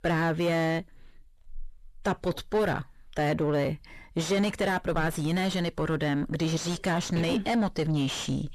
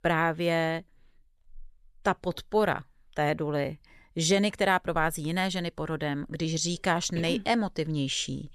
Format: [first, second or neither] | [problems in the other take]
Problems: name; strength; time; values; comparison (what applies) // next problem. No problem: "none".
second | distortion; heavy; 6 dB below the speech